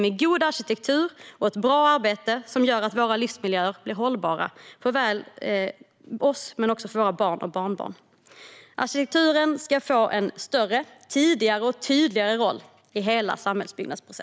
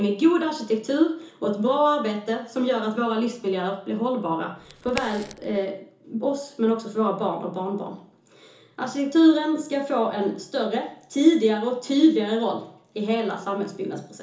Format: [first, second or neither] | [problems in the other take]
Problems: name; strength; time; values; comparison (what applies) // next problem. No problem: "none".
first | background sound (Crack); 15 dB below the speech // room echo; dies away in 0.7 s